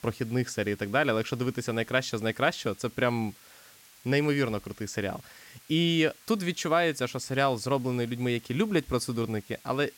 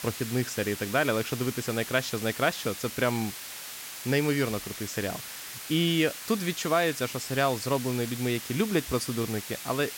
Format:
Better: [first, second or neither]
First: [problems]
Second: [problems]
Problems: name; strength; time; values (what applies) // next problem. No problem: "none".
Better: first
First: hiss; faint; throughout; 25 dB below the speech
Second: hiss; loud; throughout; 8 dB below the speech